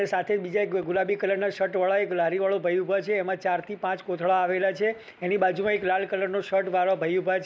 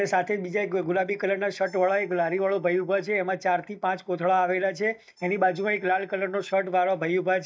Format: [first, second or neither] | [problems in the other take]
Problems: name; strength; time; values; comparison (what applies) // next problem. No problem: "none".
first | noise reduction (neural mask model DeepFilterNet 3)